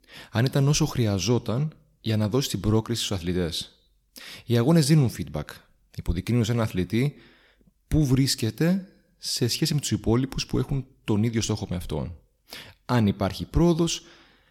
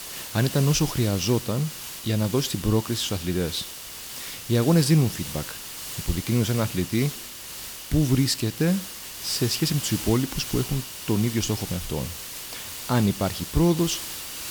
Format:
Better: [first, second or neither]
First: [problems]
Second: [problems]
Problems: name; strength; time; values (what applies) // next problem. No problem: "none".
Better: first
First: none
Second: hiss; loud; throughout; 9 dB below the speech